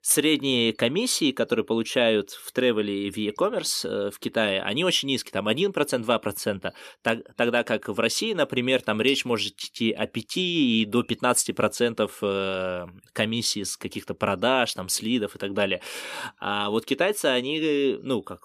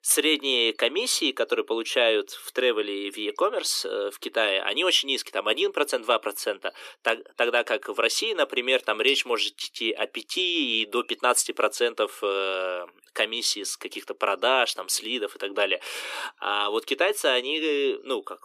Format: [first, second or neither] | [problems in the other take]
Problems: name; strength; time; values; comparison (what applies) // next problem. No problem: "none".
first | thin; somewhat; fading below 300 Hz